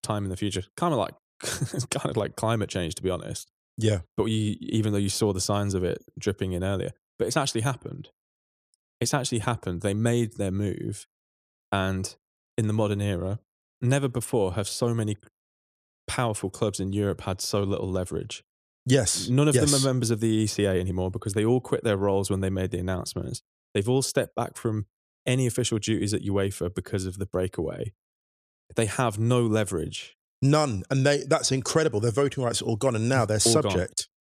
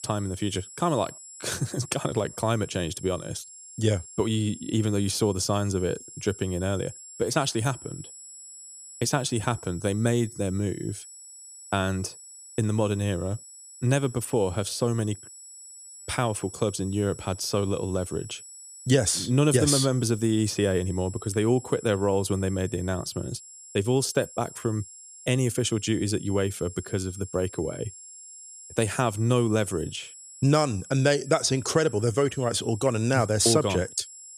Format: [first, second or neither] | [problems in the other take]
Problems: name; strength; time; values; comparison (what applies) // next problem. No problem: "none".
first | high-pitched whine; noticeable; throughout; 7.5 kHz, 15 dB below the speech